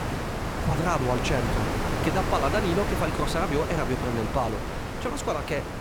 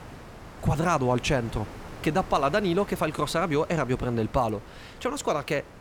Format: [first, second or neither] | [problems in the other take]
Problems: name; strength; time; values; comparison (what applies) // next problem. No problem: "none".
second | wind noise on the microphone; heavy; 2 dB below the speech; occasional gusts in the second